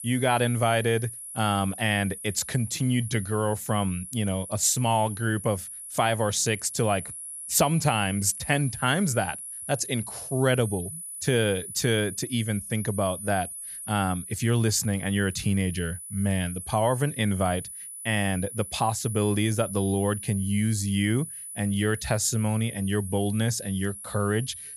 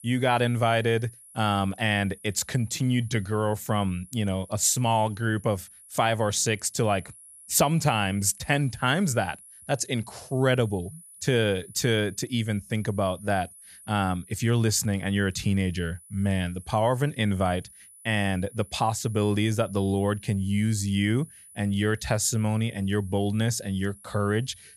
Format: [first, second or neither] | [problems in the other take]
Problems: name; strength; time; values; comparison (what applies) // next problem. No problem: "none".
second | high-pitched whine; loud; throughout; 10 kHz, 10 dB below the speech; faint in the second